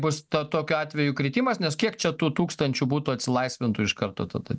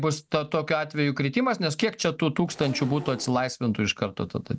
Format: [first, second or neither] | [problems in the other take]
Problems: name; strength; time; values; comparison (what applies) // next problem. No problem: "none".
first | background sound (Zipper (clothing)); 16 dB below the speech